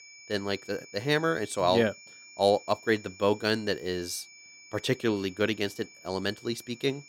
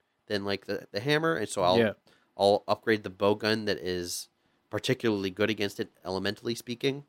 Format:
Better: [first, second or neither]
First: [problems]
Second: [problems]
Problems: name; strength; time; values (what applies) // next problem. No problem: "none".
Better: second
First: high-pitched whine; noticeable; throughout; 2.5 kHz, 20 dB below the speech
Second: none